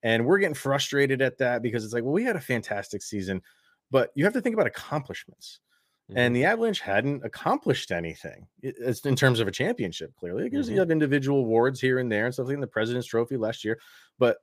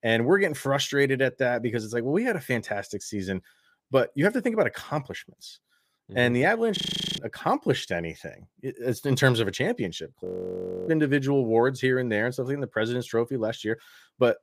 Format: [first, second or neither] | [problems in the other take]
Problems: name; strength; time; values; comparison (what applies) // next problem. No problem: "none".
first | audio freezing; at 7 s and at 10 s for 0.5 s